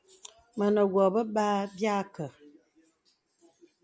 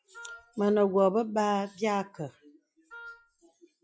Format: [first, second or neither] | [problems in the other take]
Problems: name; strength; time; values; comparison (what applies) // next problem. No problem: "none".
first | noise reduction (classical method log-MMSE)